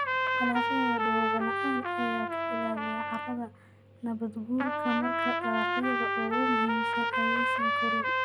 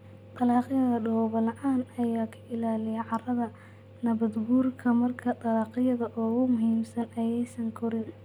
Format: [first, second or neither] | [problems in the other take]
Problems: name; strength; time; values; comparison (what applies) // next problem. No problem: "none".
second | background sound (Trumpet); 4 dB above the speech